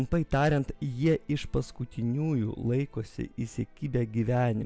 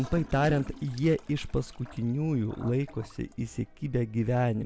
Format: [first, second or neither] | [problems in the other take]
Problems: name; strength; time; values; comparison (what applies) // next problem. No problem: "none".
first | background sound (Toilet flush / Gurgling); 19 dB below the speech